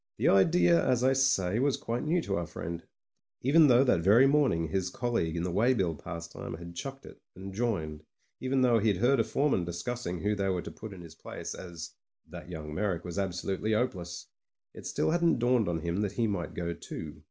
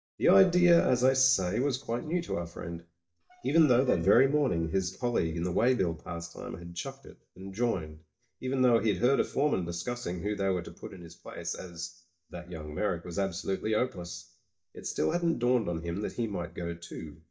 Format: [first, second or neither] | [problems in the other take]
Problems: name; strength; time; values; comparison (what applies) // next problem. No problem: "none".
first | noise reduction (neural mask model DeepFilterNet 3)